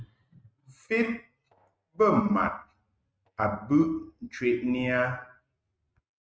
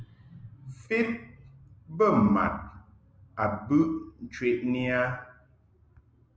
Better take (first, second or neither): second